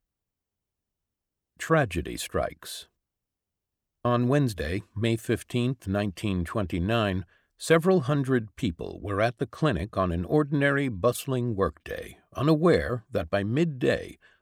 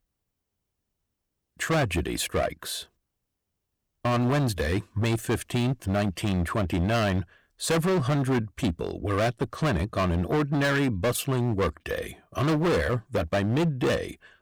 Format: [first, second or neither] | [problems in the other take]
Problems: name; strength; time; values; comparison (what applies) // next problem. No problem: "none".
first | distortion; heavy; 16% of the sound clipped